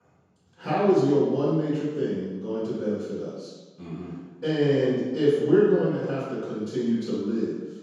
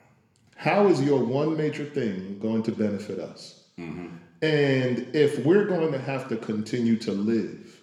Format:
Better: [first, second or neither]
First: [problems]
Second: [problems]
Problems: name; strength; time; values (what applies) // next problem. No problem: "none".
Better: second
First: room echo; strong; dies away in 1.2 s // off-mic speech; far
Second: room echo; slight; dies away in 0.8 s